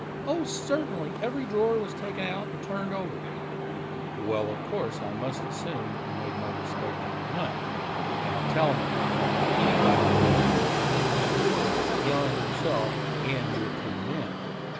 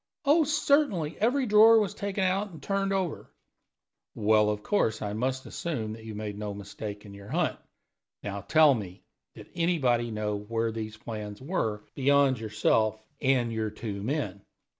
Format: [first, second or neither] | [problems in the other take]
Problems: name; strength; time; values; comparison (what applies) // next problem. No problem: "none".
second | background sound (Train); 4 dB above the speech